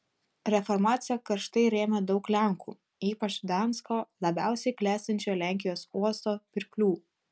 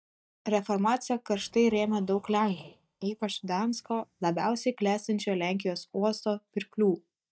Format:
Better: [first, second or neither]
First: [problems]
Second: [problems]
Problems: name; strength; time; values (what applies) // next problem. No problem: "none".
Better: first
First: none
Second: noise reduction (neural mask model DeepFilterNet 3)